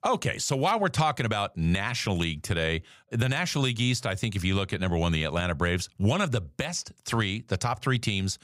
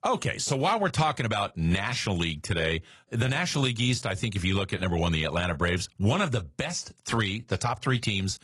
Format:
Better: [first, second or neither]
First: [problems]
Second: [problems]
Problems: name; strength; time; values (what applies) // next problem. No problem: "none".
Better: first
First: none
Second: garbled, watery; slightly; nothing above 11 kHz